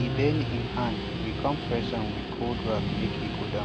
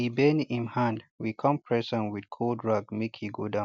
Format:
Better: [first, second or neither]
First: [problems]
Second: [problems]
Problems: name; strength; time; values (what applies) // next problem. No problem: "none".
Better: second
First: background sound (Guitar); 1 dB above the speech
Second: none